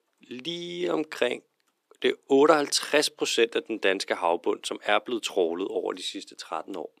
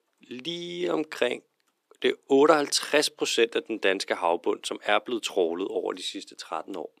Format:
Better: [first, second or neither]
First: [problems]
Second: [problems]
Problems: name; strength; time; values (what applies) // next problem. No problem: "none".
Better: neither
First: thin; somewhat; fading below 300 Hz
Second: thin; somewhat; fading below 300 Hz